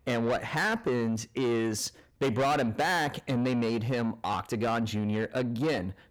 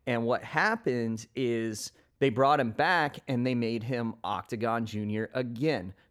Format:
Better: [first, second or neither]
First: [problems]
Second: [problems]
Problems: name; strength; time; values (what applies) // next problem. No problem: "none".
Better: second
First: distortion; heavy; 7 dB below the speech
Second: none